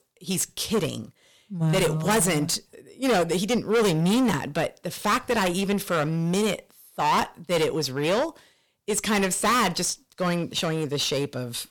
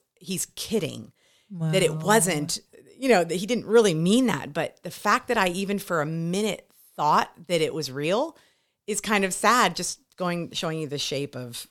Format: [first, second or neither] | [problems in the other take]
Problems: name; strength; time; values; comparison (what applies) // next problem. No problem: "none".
second | distortion; heavy; 13% of the sound clipped